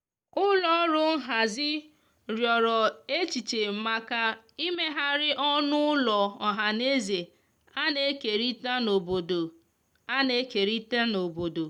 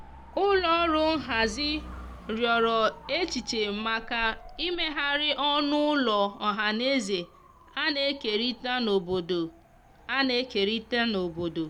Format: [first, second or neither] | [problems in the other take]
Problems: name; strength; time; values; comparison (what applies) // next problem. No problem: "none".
first | background sound (Motorcycle / Dog); 18 dB below the speech